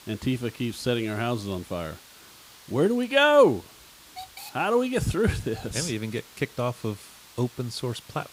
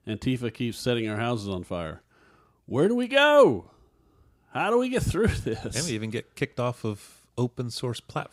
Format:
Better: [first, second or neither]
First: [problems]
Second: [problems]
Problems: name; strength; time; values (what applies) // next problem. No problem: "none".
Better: second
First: hiss; faint; throughout; 20 dB below the speech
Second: none